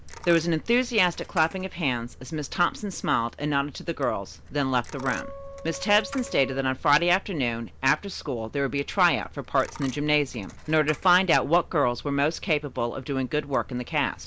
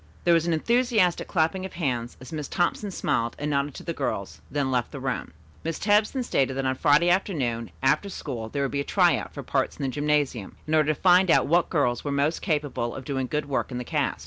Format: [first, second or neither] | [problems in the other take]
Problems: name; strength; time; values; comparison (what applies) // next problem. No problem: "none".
second | background sound (Coin (dropping) + Wind instrument, woodwind instrument); 17 dB below the speech